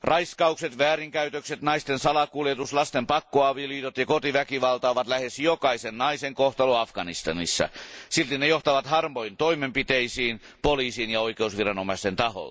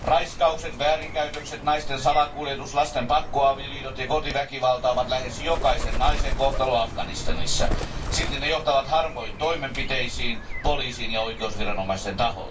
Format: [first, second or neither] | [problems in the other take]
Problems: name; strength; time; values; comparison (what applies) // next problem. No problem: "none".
first | background sound (Bird); 5 dB below the speech // room echo; dies away in 0.2 s